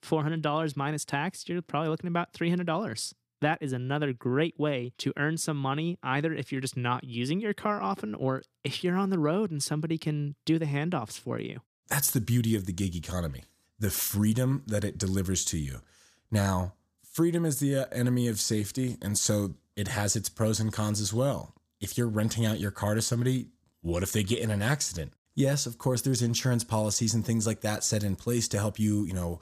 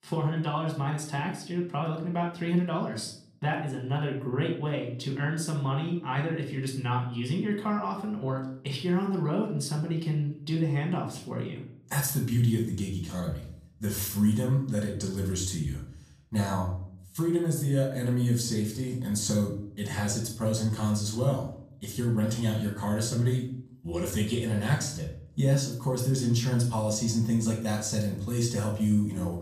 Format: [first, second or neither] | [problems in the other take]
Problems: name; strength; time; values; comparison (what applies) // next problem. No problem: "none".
first | off-mic speech; far // room echo; slight; dies away in 0.5 s